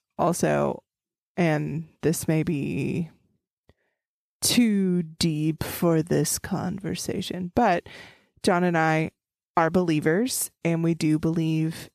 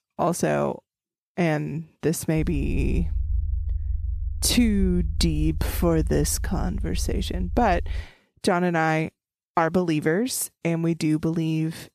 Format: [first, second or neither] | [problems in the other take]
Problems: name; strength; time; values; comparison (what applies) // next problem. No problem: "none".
first | low rumble; faint; from 2.5 to 8 s; 25 dB below the speech